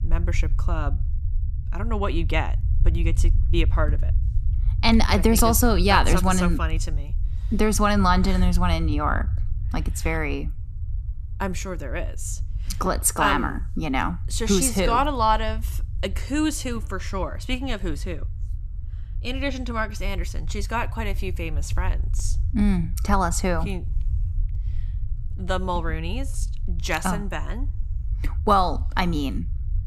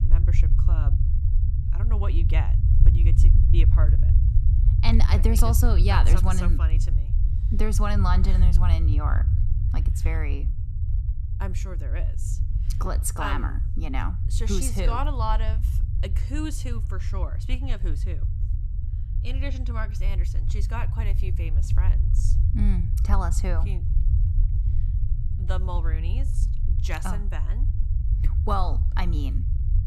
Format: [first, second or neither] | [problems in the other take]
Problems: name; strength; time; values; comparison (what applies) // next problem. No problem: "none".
first | low rumble; loud; throughout; 9 dB below the speech; faint in the first